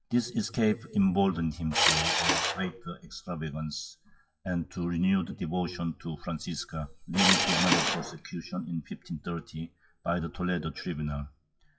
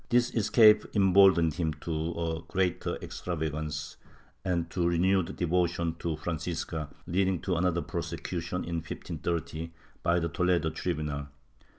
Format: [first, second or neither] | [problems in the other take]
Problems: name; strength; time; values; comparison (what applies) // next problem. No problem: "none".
second | noise reduction (classical method WPE with log-MMSE)